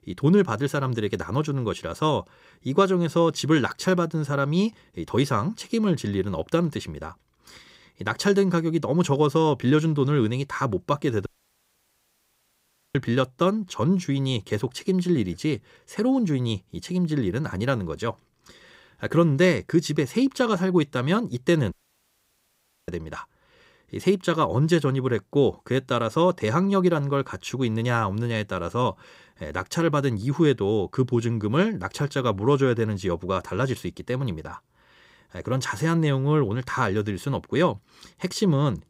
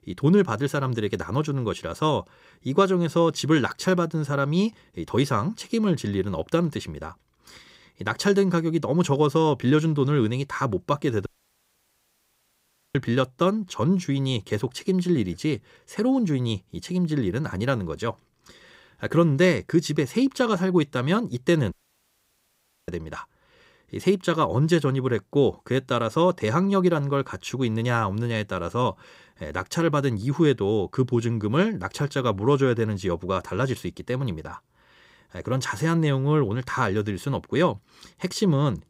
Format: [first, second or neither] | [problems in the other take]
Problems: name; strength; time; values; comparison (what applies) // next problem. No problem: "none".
neither | audio cutting out; at 11 s for 1.5 s and at 22 s for 1 s; the same in both